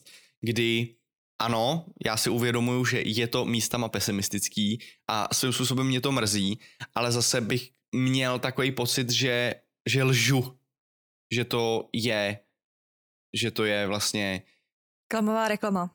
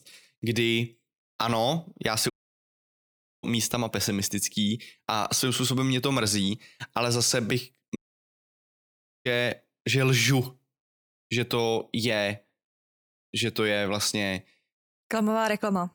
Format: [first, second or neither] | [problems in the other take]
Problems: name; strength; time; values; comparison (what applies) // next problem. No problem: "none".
first | audio cutting out; at 2.5 s for 1 s and at 8 s for 1.5 s